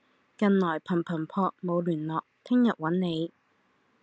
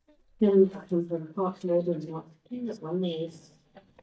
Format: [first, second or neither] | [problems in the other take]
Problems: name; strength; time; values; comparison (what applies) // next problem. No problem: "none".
first | noise reduction (neural mask model DeepFilterNet 3)